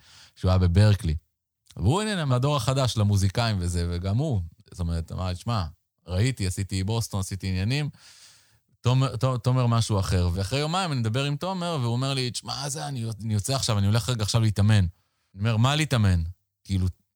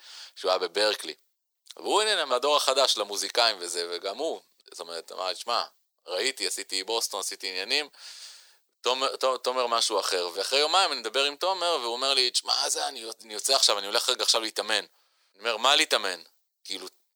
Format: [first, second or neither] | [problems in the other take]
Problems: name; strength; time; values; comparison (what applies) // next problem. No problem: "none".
first | thin; very; fading below 350 Hz